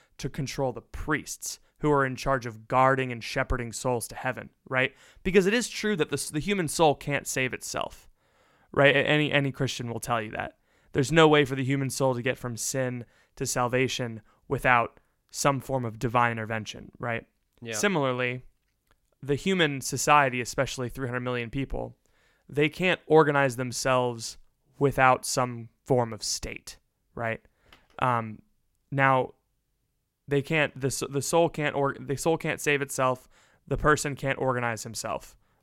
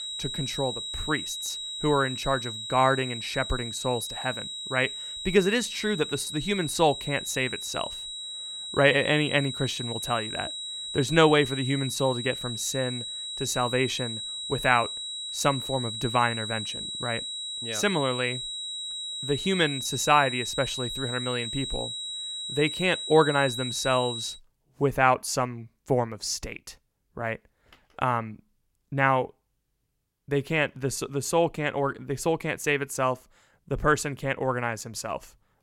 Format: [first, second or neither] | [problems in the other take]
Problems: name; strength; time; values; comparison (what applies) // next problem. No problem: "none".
first | high-pitched whine; loud; until 24 s; 4 kHz, 6 dB below the speech